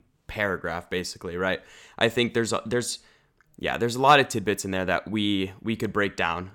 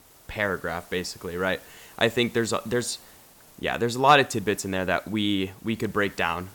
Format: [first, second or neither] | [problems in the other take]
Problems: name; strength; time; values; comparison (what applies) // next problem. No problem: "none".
first | hiss; faint; throughout; 25 dB below the speech